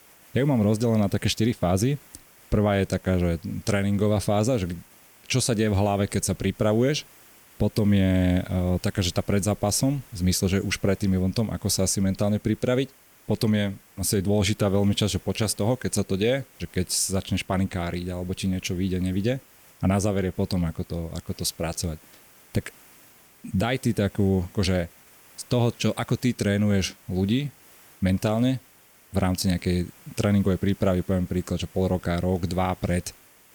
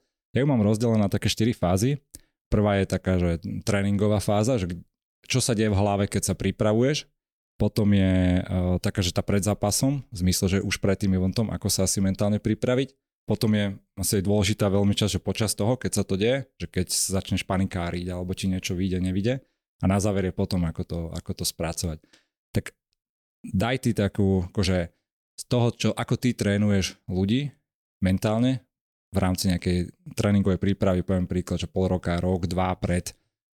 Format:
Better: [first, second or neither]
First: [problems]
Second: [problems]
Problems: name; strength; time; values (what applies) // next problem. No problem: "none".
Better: second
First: hiss; faint; throughout; 25 dB below the speech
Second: none